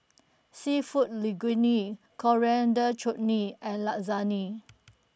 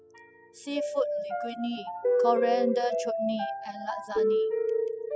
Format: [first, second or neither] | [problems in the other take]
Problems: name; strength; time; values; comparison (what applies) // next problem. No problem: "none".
first | noise reduction (classical method spectral subtraction)